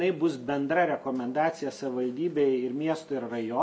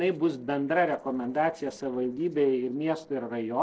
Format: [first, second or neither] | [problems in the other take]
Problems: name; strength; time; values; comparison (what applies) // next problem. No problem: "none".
first | noise reduction (neural separator model SepFormer DNS4)